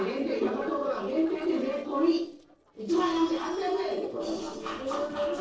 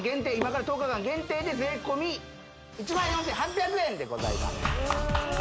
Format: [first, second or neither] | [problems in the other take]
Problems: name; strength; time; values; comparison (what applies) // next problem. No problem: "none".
second | noise reduction (neural separator model SepFormer DNS4)